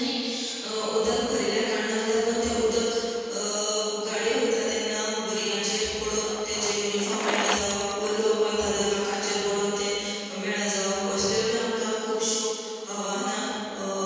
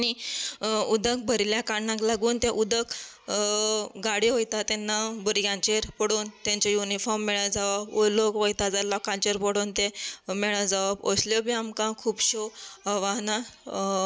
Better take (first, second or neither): second